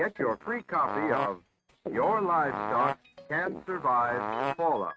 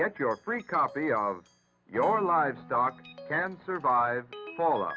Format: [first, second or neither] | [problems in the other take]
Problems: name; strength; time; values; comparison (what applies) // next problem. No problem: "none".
second | noise reduction (neural mask model RNNoise)